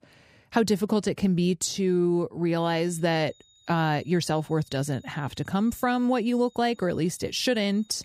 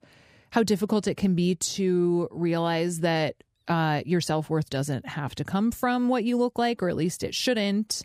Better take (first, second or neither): second